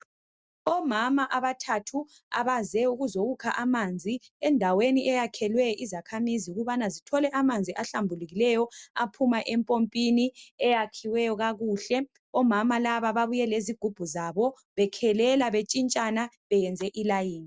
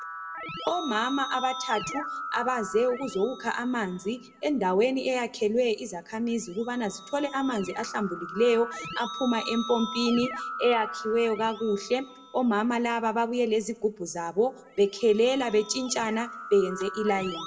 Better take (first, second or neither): first